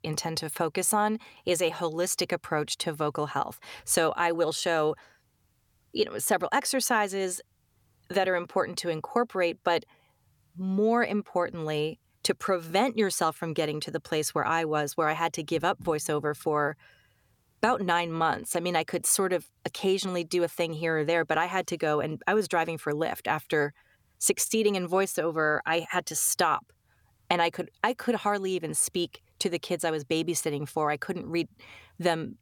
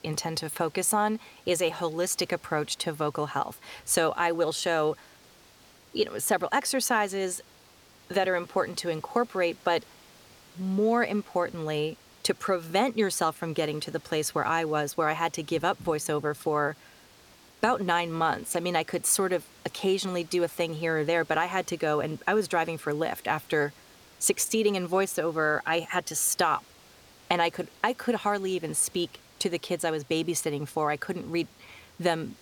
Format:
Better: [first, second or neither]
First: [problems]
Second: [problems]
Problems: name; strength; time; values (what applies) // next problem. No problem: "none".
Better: first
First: none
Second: hiss; faint; throughout; 25 dB below the speech